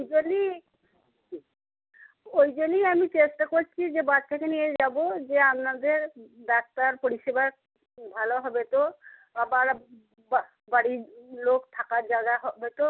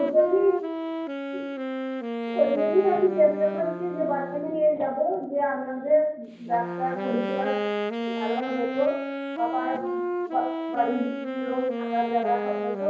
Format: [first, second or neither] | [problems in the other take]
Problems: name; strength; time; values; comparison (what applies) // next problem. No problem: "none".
first | background sound (Wind instrument, woodwind instrument); 5 dB below the speech // room echo; dies away in 0.9 s